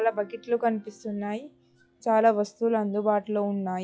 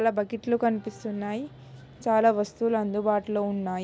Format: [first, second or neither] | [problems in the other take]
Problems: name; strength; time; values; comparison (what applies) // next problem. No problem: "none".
second | noise reduction (classical method log-MMSE)